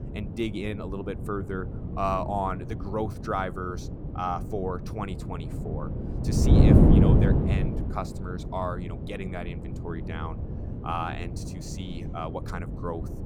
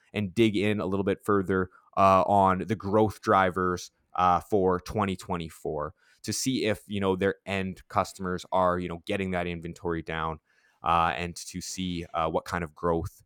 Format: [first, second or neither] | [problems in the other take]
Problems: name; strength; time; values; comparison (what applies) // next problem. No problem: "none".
second | wind noise on the microphone; heavy; 2 dB below the speech